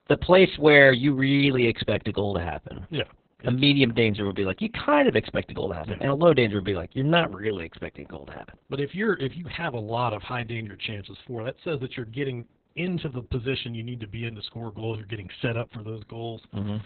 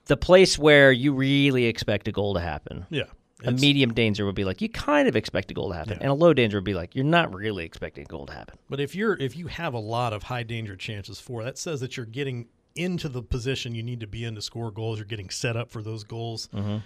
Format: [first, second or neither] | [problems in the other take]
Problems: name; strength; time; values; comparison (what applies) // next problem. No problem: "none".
second | garbled, watery; badly; nothing above 4 kHz